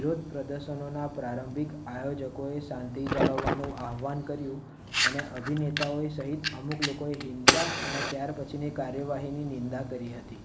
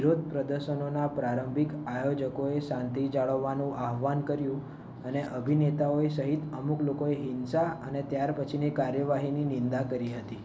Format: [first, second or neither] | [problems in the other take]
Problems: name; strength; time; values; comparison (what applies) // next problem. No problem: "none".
second | background sound (Fire); as loud as the speech